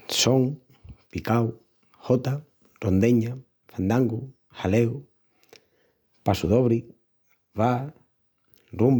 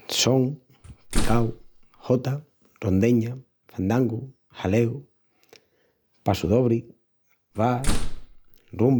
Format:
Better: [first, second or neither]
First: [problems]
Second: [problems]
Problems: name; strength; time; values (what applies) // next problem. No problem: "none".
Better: first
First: none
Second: background sound (Slam); as loud as the speech